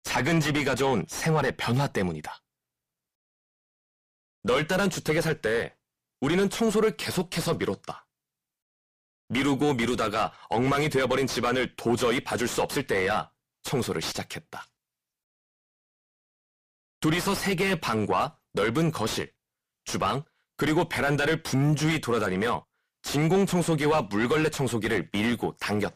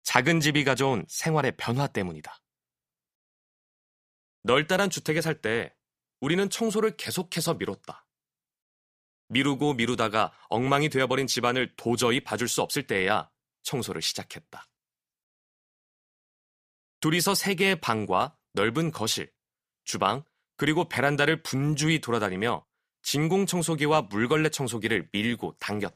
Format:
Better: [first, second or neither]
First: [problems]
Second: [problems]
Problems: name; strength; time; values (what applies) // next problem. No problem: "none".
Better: second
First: distortion; heavy; 5 dB below the speech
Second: none